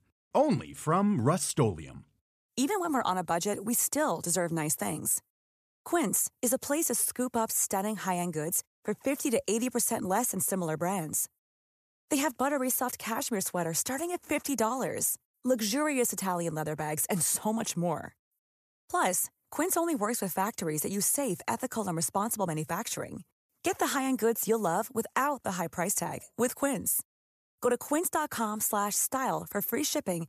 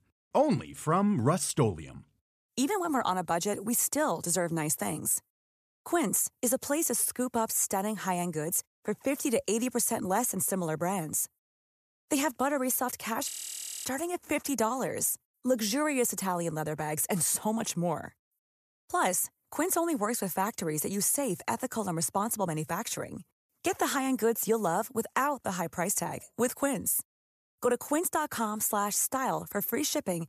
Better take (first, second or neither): first